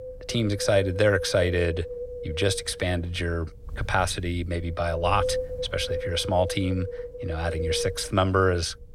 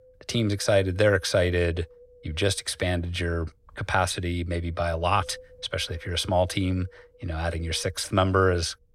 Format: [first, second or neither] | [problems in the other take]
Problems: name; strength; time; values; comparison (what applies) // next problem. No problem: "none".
second | wind noise on the microphone; heavy; 7 dB below the speech; occasional gusts in the second